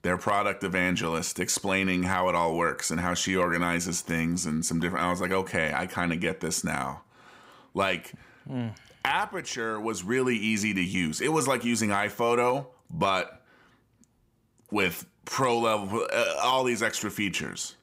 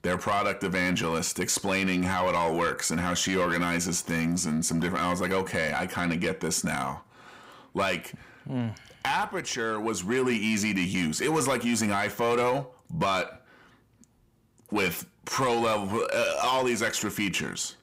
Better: first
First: none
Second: distortion; slight; 10 dB below the speech

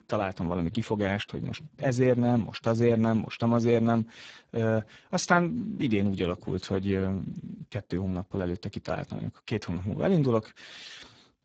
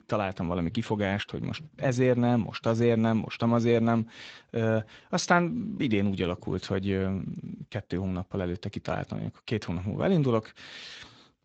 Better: second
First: garbled, watery; badly; nothing above 7.5 kHz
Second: garbled, watery; slightly

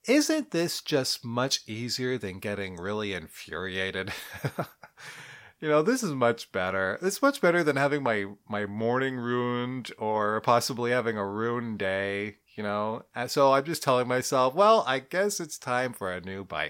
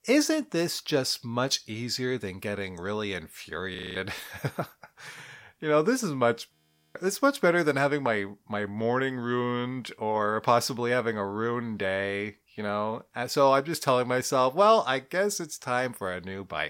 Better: first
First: none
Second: audio freezing; at 4 s and at 6.5 s

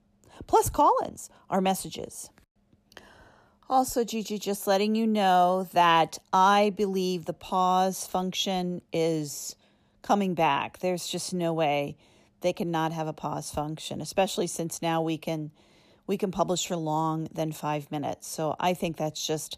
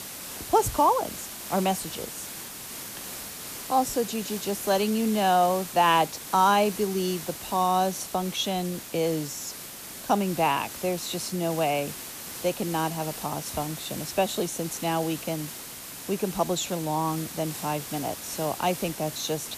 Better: first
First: none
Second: hiss; loud; throughout; 9 dB below the speech

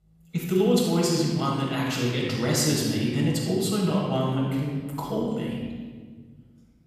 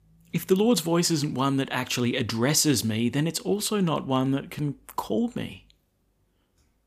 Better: second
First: off-mic speech; far // room echo; strong; dies away in 1.6 s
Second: none

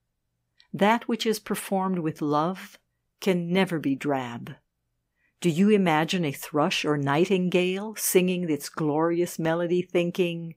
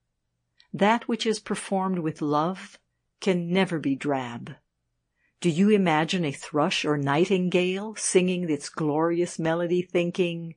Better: first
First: none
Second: garbled, watery; slightly; nothing above 9.5 kHz

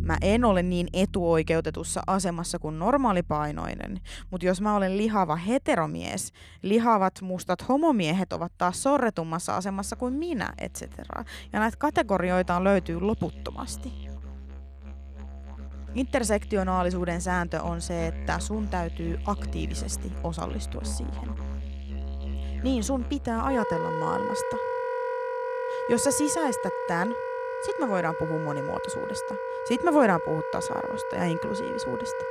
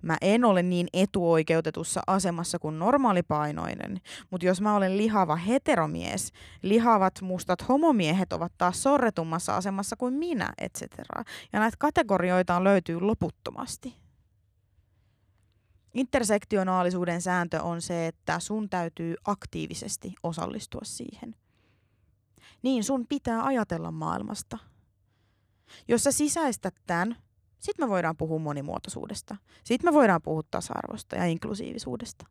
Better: second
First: background music; loud; throughout; 6 dB below the speech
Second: none

